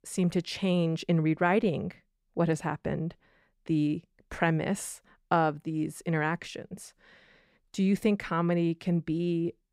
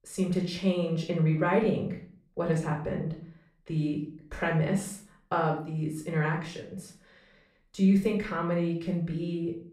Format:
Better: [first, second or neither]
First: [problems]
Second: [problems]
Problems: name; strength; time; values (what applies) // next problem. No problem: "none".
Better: first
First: none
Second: off-mic speech; somewhat distant // room echo; slight; dies away in 0.4 s